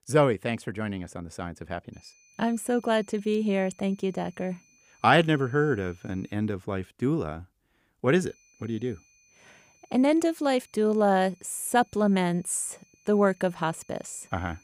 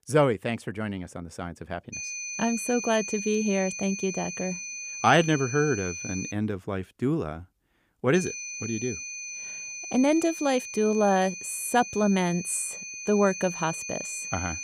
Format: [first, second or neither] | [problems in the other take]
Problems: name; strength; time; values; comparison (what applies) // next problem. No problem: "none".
first | high-pitched whine; loud; from 2 to 6.5 s and from 8 s on; 2.5 kHz, 7 dB below the speech; faint in the first